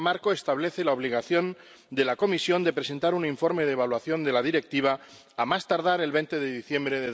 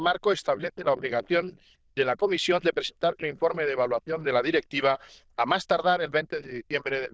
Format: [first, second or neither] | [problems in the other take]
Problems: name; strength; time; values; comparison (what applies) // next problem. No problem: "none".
first | noise reduction (neural diffusion model UNIVERSE++)